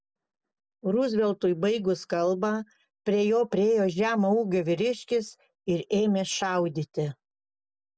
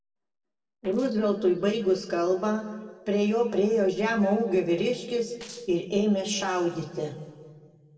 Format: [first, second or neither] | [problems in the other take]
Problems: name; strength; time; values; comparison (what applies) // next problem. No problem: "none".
first | noise reduction (neural separator model SepFormer DNS4)